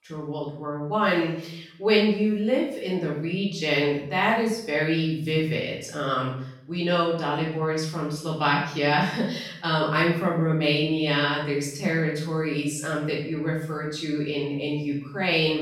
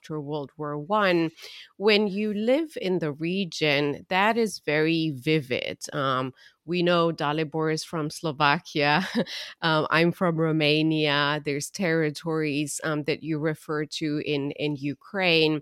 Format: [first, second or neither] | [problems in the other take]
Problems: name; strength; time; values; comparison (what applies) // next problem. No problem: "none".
second | off-mic speech; far // room echo; noticeable; dies away in 0.6 s